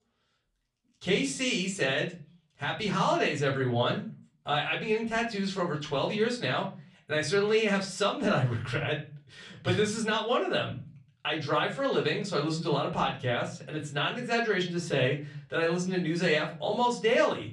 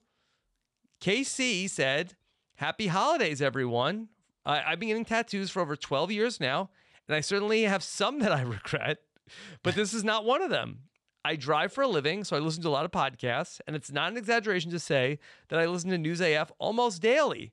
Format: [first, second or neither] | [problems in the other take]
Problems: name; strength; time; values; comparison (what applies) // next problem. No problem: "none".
second | off-mic speech; far // room echo; very slight; dies away in 0.4 s